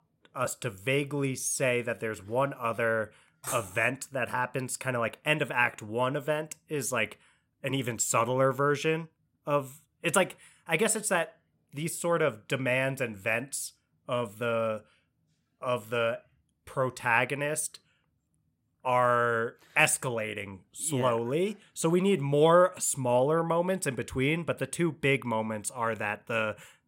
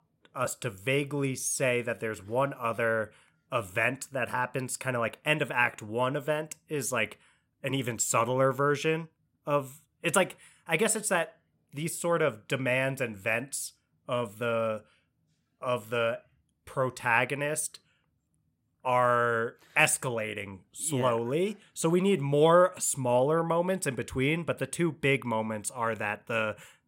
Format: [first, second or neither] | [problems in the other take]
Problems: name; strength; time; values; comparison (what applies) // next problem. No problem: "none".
second | clattering dishes; noticeable; at 3.5 s; peak 8 dB below the speech